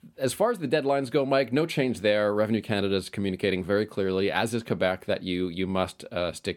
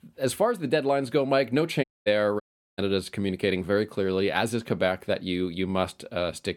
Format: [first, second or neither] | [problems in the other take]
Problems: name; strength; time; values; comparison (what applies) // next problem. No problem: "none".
first | audio cutting out; at 2 s and at 2.5 s